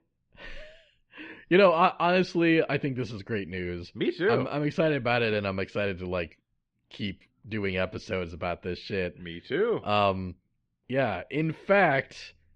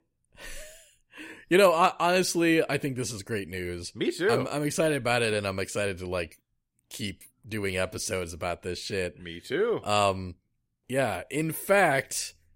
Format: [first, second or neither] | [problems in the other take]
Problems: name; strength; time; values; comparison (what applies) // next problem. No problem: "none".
second | muffled; slightly; fading above 4 kHz